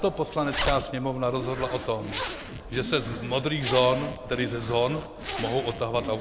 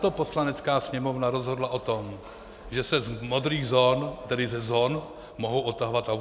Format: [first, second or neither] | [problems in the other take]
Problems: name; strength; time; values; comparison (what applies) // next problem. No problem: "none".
second | background sound (Zipper (clothing)); 8 dB below the speech